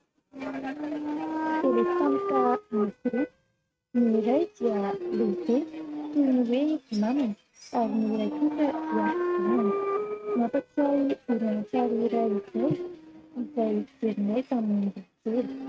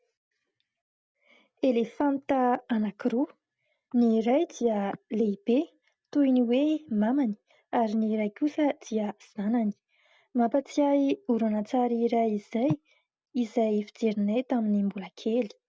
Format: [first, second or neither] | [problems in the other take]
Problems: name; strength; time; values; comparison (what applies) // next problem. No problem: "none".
second | noise reduction (neural mask model RNNoise)